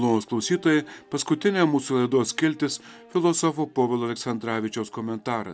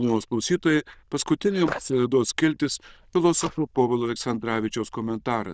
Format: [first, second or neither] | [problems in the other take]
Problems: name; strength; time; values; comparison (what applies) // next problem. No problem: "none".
first | noise reduction (neural diffusion model UNIVERSE++)